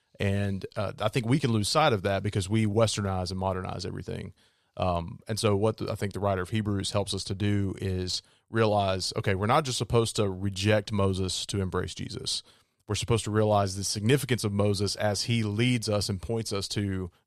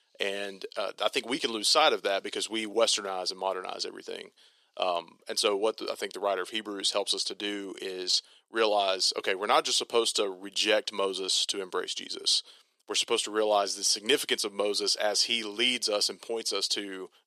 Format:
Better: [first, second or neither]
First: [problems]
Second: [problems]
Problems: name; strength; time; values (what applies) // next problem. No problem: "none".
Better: first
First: none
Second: thin; very; fading below 300 Hz